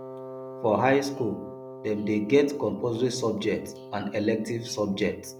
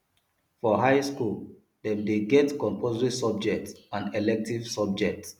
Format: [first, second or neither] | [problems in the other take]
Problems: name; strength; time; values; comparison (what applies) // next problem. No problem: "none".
second | background sound (Wind instrument, woodwind instrument); 14 dB below the speech